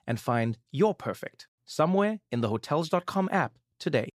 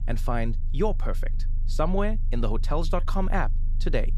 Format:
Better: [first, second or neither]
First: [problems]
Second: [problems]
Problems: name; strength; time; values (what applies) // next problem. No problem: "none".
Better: first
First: none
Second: low rumble; faint; throughout; 20 dB below the speech